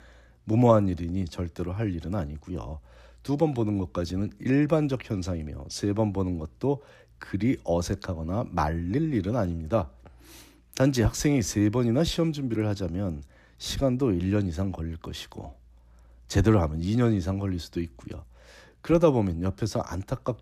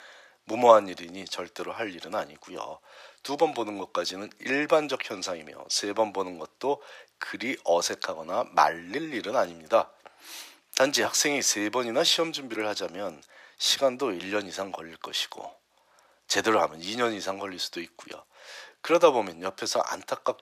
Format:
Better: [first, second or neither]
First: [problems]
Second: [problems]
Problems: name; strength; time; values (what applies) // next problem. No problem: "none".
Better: first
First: none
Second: thin; very; fading below 700 Hz